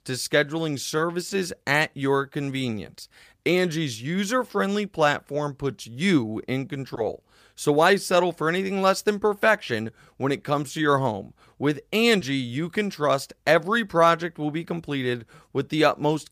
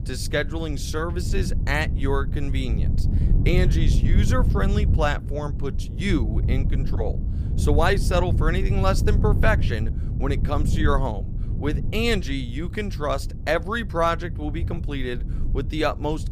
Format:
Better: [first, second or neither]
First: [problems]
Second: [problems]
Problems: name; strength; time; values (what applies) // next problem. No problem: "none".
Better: first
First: none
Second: wind noise on the microphone; occasional gusts; 10 dB below the speech